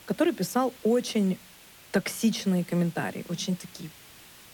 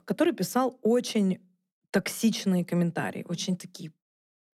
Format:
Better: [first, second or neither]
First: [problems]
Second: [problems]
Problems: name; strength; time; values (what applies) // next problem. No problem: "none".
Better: second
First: hiss; faint; throughout; 20 dB below the speech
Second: none